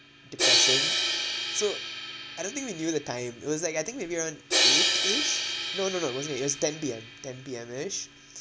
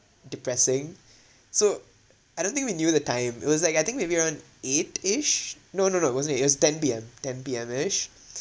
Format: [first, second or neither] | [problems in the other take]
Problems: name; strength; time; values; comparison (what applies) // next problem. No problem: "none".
second | background sound (Crash cymbal); 3 dB above the speech